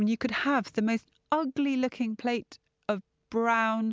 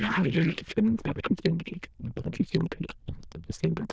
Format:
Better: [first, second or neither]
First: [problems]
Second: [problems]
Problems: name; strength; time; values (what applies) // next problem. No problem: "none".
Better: first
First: none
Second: noise reduction (neural diffusion model UNIVERSE++)